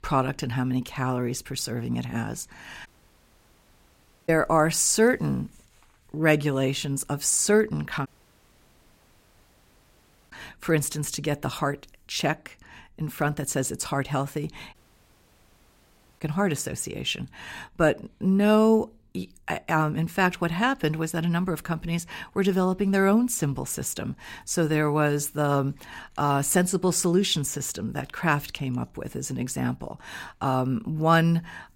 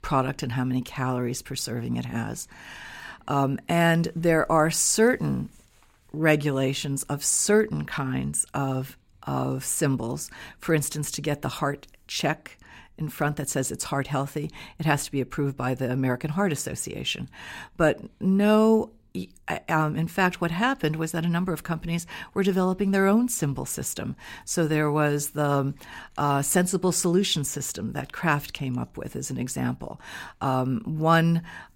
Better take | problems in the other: second | audio cutting out; at 3 s for 1.5 s, at 8 s for 2.5 s and at 15 s for 1.5 s

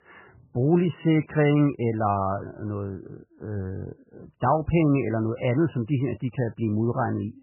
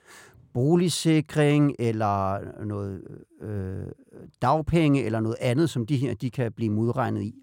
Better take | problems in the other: second | garbled, watery; badly; nothing above 3 kHz

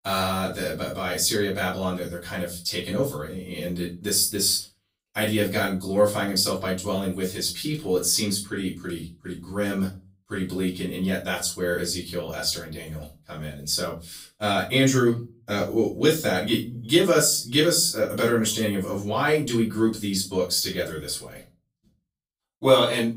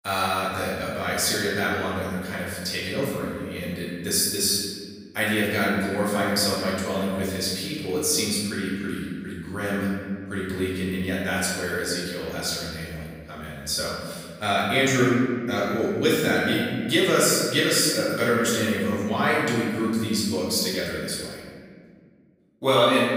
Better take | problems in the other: first | room echo; strong; dies away in 1.8 s; slight in the first // off-mic speech; far; far in the first

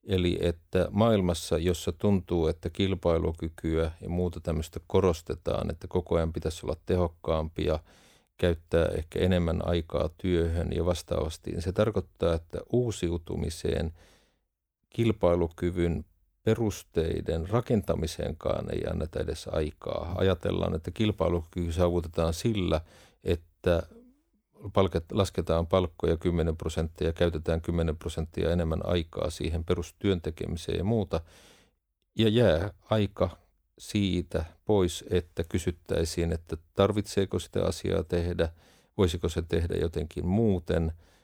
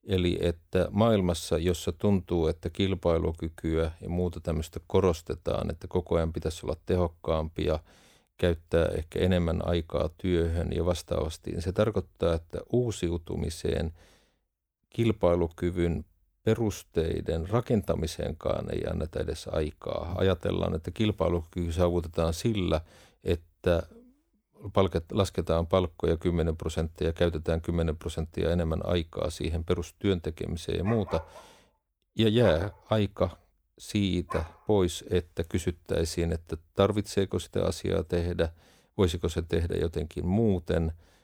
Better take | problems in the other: first | dog barking; faint; from 31 to 34 s; peak 10 dB below the speech

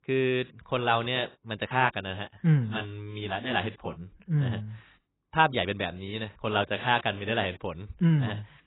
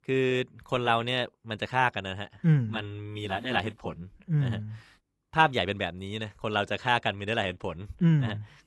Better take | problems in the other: second | garbled, watery; badly; nothing above 4 kHz; slightly in the second

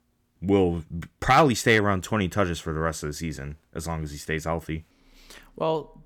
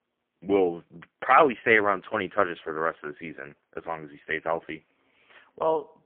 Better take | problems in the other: first | phone-call audio; poor line; nothing above 3 kHz

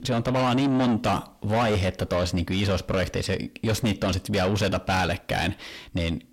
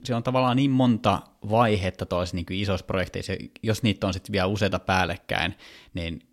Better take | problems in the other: second | distortion; heavy; 6 dB below the speech

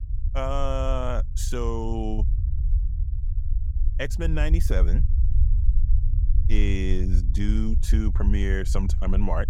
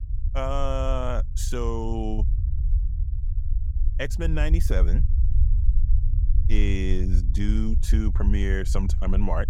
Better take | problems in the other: neither | low rumble; noticeable; throughout; 15 dB below the speech; the same in both

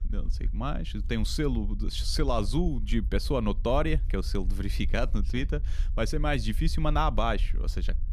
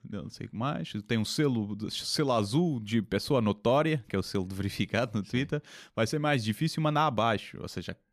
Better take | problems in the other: second | low rumble; faint; throughout; 25 dB below the speech

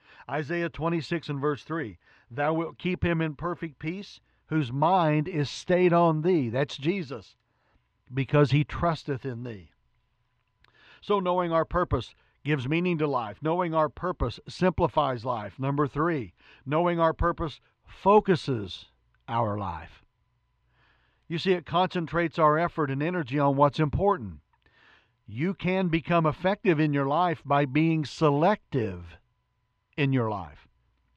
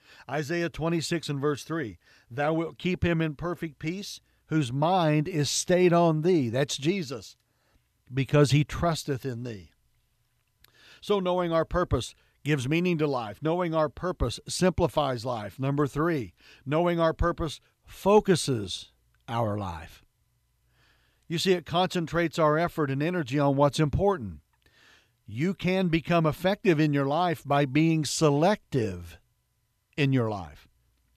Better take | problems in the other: second | muffled; slightly; fading above 2.5 kHz

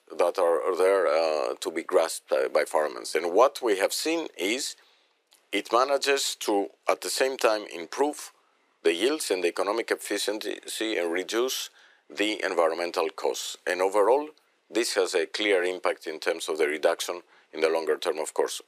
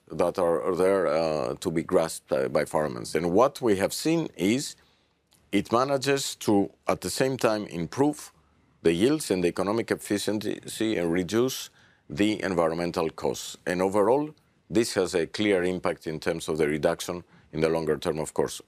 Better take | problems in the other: second | thin; somewhat; fading below 400 Hz

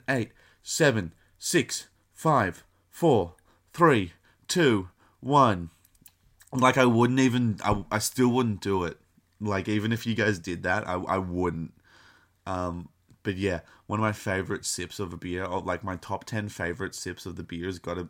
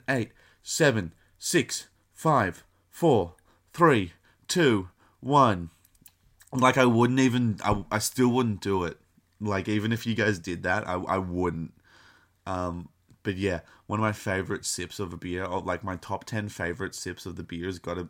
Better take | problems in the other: neither | none

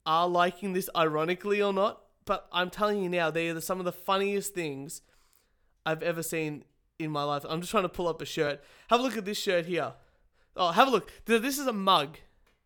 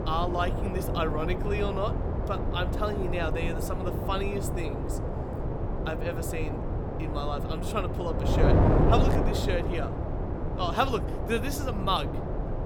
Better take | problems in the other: first | wind noise on the microphone; heavy; 2 dB below the speech

